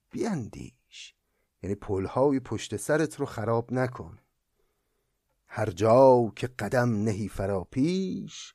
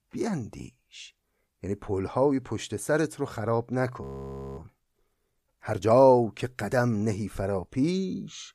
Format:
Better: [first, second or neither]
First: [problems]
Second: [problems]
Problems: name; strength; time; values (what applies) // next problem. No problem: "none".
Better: first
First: none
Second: audio freezing; at 4 s for 0.5 s